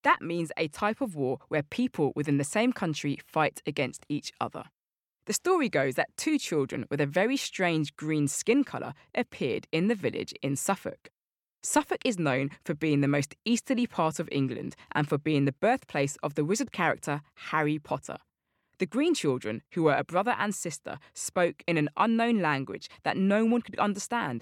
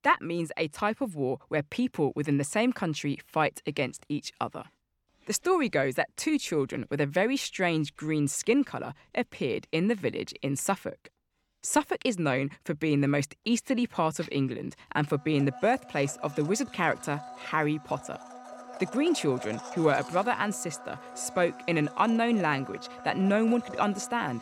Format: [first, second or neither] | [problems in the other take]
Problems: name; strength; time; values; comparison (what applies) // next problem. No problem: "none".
first | household noises; noticeable; throughout; 15 dB below the speech